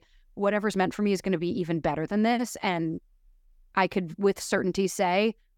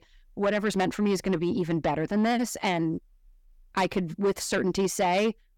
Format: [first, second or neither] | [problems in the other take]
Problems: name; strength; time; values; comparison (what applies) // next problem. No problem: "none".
first | distortion; slight; 10 dB below the speech